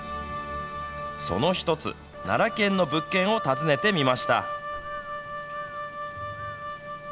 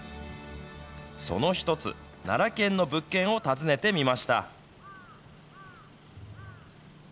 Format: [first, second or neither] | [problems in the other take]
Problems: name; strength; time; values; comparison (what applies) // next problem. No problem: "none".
second | background sound (Wind instrument, woodwind instrument); 7 dB below the speech